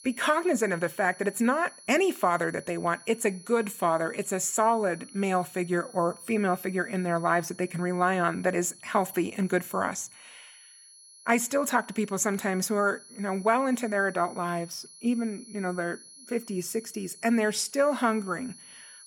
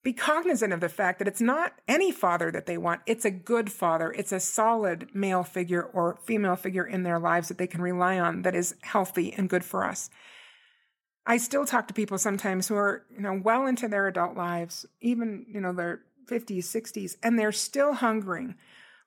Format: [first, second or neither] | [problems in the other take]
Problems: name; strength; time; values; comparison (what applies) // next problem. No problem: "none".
second | high-pitched whine; faint; throughout; 10.5 kHz, 20 dB below the speech